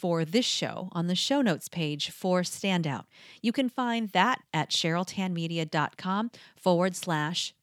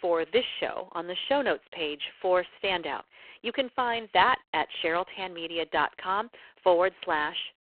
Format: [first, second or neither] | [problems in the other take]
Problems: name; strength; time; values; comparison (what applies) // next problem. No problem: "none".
first | phone-call audio; poor line